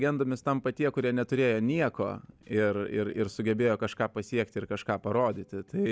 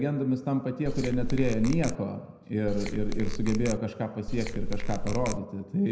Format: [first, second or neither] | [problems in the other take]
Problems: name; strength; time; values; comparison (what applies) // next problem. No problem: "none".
first | background sound (Squeak / Tools); as loud as the speech // room echo; dies away in 0.7 s